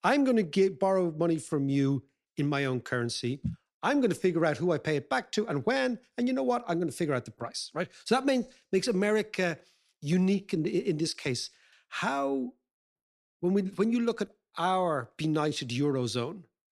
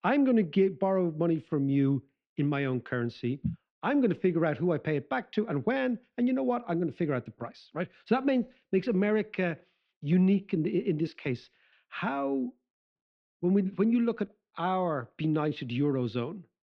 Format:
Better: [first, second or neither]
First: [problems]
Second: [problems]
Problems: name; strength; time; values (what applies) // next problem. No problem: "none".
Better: first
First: none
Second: muffled; very; fading above 3 kHz